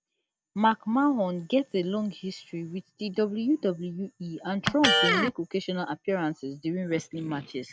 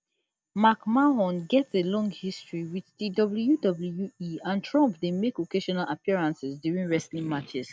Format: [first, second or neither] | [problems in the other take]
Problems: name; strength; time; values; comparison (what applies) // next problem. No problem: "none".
second | background sound (Electric guitar); 1 dB below the speech